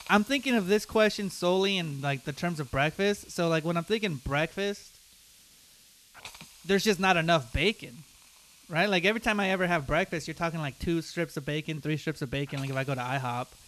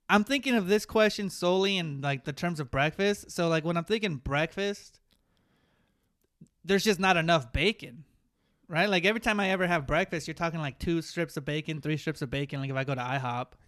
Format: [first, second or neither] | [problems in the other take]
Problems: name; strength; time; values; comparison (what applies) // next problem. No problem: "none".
second | hiss; faint; throughout; 25 dB below the speech